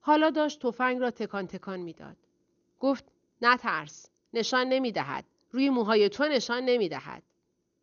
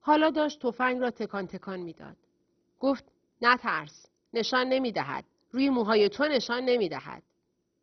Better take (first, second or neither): first